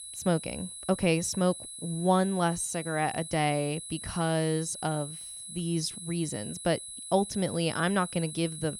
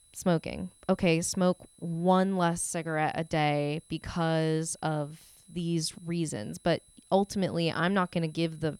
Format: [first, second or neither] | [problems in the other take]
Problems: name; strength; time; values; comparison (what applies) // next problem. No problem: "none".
second | high-pitched whine; loud; throughout; 10.5 kHz, 9 dB below the speech; faint in the second